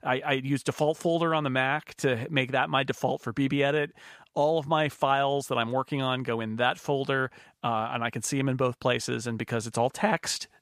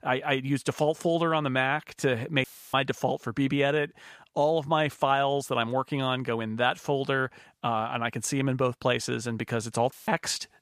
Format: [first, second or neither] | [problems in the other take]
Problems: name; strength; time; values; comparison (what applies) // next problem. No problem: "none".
first | audio cutting out; filled with static; at 2.5 s and at 10 s